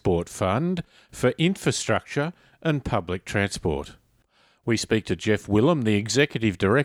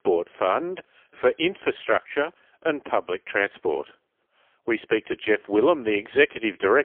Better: first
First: none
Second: phone-call audio; poor line; nothing above 3.5 kHz

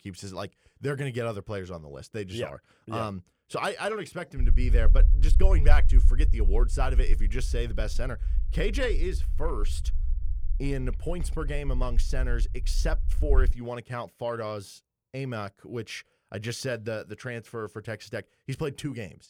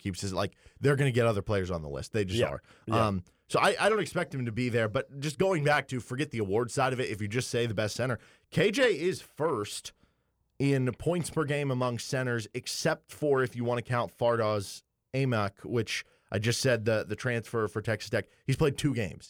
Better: second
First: low rumble; noticeable; from 4.5 to 14 s; 15 dB below the speech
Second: none

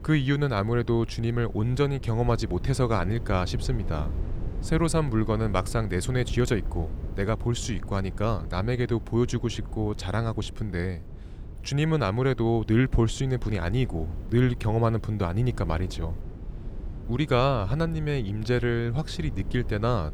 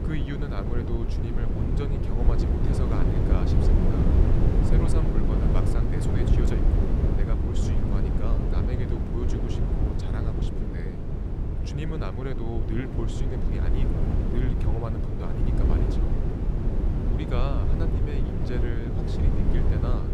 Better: first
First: wind noise on the microphone; occasional gusts; 20 dB below the speech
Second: wind noise on the microphone; heavy; 3 dB above the speech

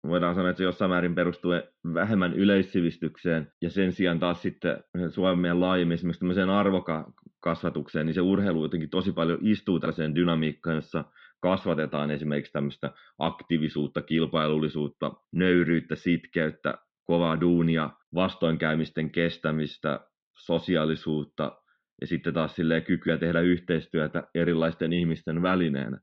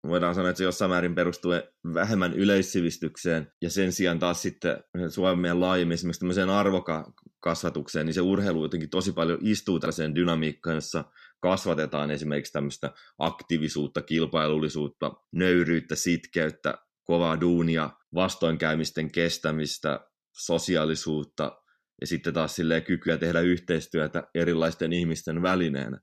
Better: second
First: muffled; very; fading above 3.5 kHz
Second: none

